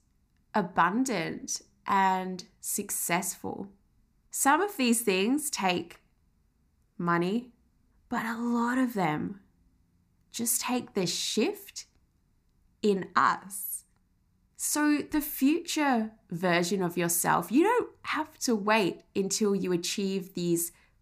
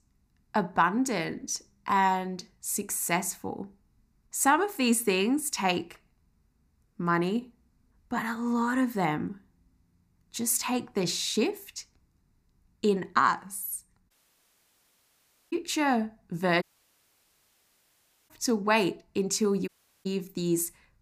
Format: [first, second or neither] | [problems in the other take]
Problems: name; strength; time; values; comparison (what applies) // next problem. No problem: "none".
first | audio cutting out; at 14 s for 1.5 s, at 17 s for 1.5 s and at 20 s